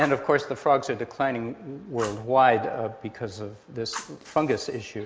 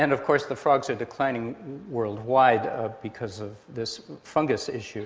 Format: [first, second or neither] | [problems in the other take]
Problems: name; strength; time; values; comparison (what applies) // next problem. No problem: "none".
second | background sound (Fire); 18 dB below the speech